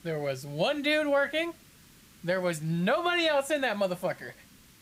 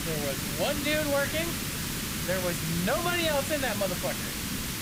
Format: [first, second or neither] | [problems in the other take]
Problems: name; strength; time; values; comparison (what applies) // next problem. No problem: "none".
first | hiss; loud; throughout; 1 dB below the speech; faint in the first